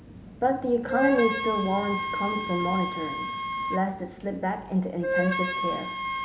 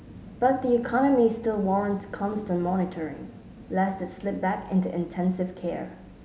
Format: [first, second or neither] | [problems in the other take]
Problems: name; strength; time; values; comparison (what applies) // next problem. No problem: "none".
second | background sound (Wind instrument, woodwind instrument); 3 dB below the speech